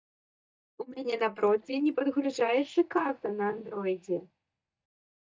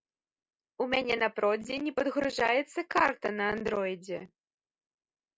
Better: second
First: noise reduction (neural mask model DeepFilterNet 3)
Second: none

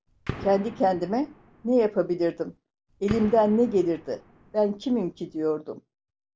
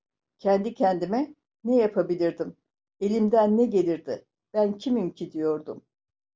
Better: second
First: background sound (Gunshot, gunfire); 15 dB below the speech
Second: none

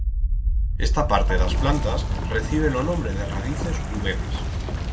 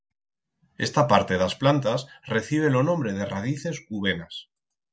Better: second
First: background sound (Wind); 4 dB above the speech // room echo; dies away in 1.2 s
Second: none

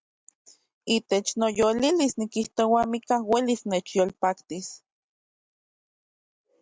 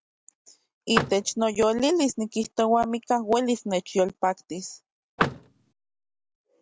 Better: first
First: none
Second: background sound (Vehicle); 5 dB below the speech

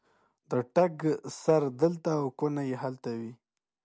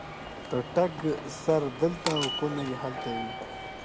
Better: first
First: none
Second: background sound (Walk, footsteps / Subway, metro, underground); 6 dB below the speech

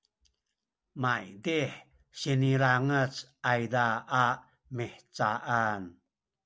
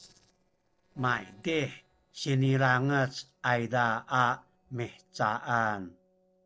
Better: first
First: none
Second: noise reduction (neural separator model SepFormer DNS4)

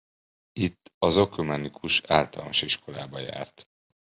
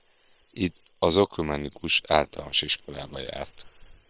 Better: first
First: none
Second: noise reduction (neural separator model SepFormer WHAM!)

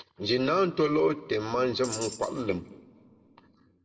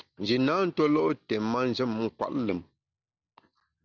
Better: second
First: background sound (Tambourine); 13 dB below the speech // room echo; dies away in 1.2 s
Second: none

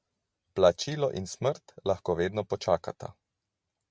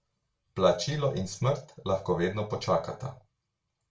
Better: first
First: none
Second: room echo; dies away in 0.3 s

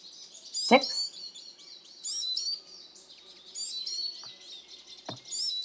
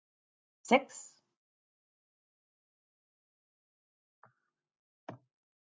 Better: second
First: background sound (Insect); 2 dB below the speech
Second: none

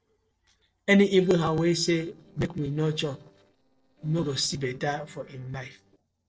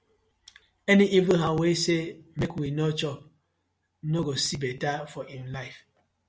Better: second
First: noise reduction (neural separator model SepFormer DNS4)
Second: none

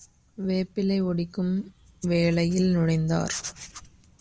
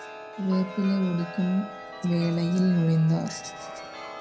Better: first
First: none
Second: background sound (Chime); 13 dB below the speech // room echo; dies away in 0.2 s

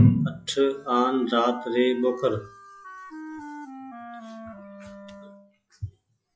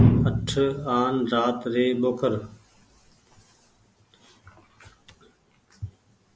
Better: second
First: noise reduction (classical method log-MMSE)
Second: none

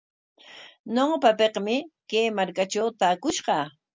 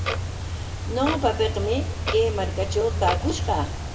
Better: first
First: none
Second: background sound (Clock); 2 dB below the speech // room echo; dies away in 1.1 s

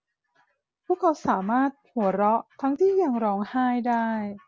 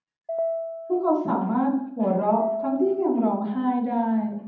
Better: first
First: none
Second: background sound (Piano); 9 dB below the speech // room echo; dies away in 0.8 s

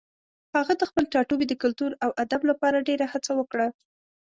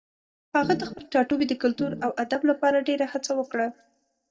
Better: first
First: none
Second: noise reduction (neural mask model DeepFilterNet 3)

